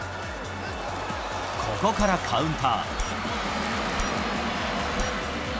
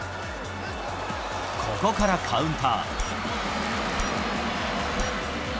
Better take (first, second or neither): second